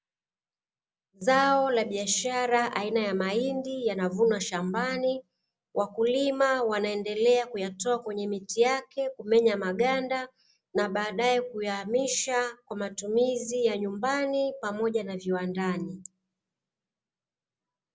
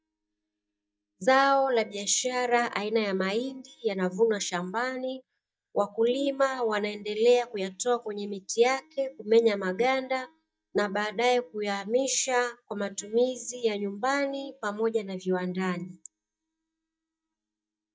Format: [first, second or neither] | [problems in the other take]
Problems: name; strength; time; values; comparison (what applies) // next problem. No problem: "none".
first | noise reduction (neural mask model DeepFilterNet 3)